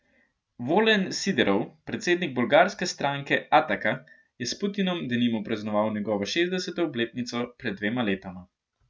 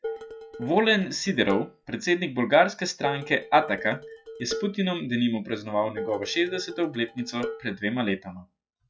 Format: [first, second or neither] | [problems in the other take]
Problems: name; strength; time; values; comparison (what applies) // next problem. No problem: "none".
first | noise reduction (classical method log-MMSE)